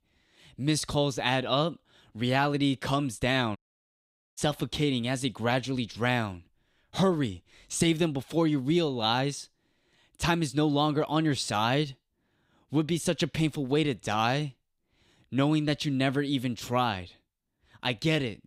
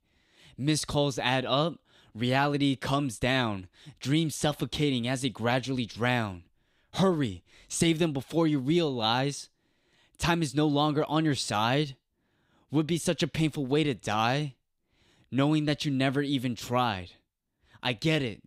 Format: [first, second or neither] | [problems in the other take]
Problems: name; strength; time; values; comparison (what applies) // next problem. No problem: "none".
second | audio cutting out; at 3.5 s for 1 s